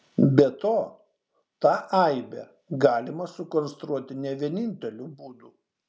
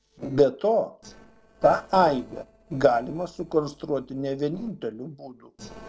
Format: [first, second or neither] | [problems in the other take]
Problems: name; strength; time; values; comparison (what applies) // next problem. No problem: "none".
first | noise reduction (neural separator model SepFormer DNS4)